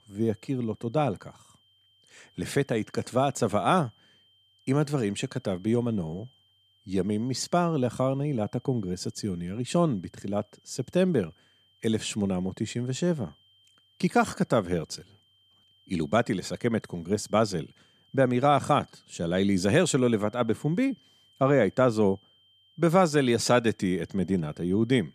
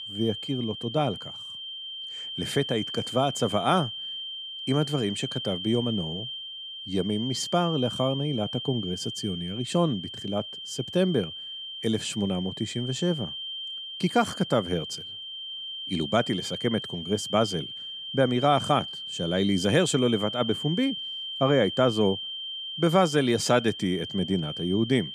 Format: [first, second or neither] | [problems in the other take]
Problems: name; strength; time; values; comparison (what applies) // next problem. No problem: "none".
first | high-pitched whine; loud; throughout; 3 kHz, 7 dB below the speech; faint in the first